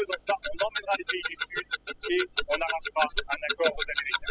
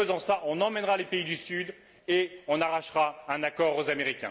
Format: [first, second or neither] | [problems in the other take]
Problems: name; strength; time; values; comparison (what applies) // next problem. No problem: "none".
second | noise reduction (classical method spectral subtraction)